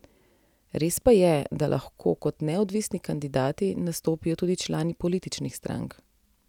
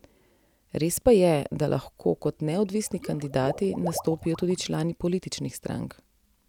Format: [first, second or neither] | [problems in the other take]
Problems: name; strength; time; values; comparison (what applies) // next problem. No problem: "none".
first | background sound (Water / Liquid); 15 dB below the speech